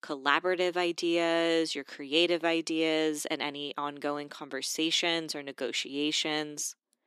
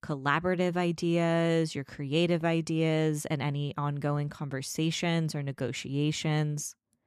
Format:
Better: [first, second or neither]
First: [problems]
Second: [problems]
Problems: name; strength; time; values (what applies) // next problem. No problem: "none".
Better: second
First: thin; somewhat; fading below 300 Hz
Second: none